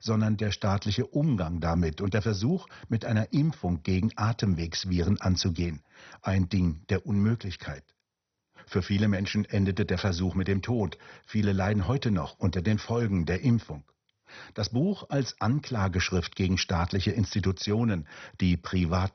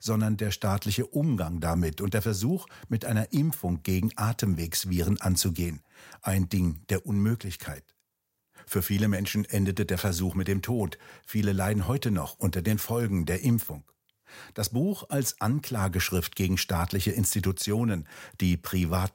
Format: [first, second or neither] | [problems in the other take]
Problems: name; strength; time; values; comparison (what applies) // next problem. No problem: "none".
second | garbled, watery; badly; nothing above 6 kHz